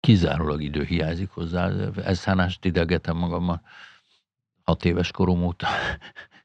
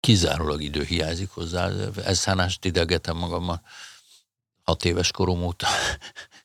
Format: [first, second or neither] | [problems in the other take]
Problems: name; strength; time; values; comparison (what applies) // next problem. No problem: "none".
second | muffled; slightly; fading above 2.5 kHz